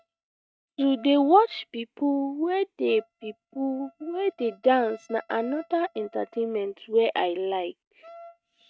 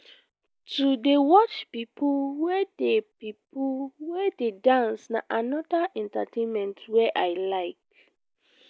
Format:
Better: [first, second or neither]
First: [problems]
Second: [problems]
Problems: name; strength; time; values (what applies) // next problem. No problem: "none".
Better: second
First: noise reduction (neural mask model RNNoise)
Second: none